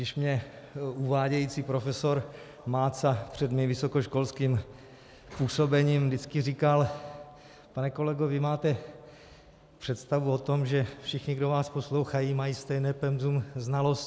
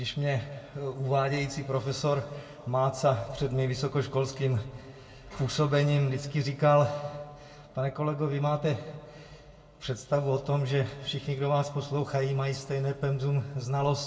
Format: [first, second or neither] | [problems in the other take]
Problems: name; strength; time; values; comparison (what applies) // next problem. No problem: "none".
first | room echo; dies away in 1.5 s